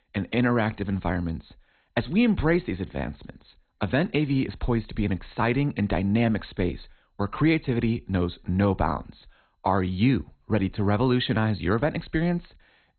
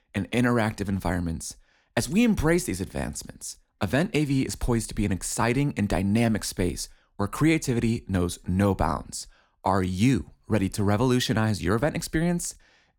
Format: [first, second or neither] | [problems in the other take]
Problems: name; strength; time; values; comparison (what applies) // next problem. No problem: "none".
second | garbled, watery; badly; nothing above 4 kHz